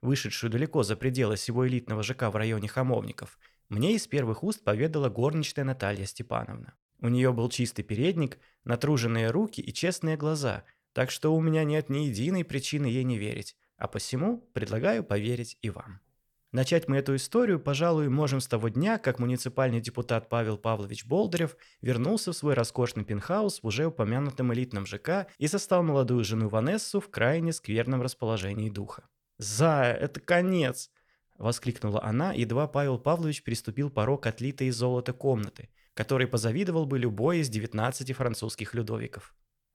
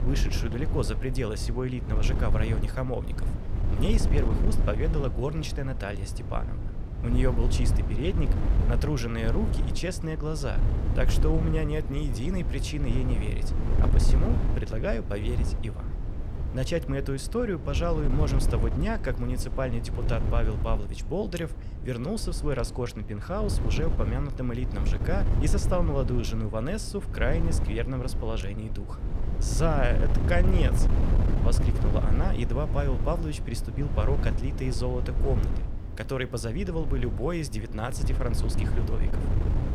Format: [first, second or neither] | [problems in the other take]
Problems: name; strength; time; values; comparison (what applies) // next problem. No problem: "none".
first | wind noise on the microphone; heavy; 7 dB below the speech